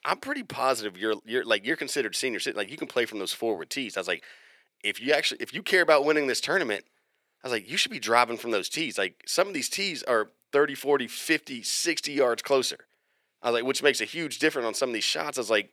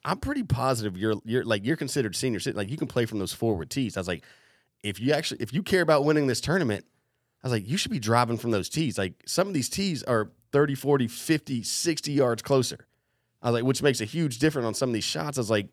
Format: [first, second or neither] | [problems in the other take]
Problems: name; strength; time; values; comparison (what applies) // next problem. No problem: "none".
second | thin; somewhat; fading below 450 Hz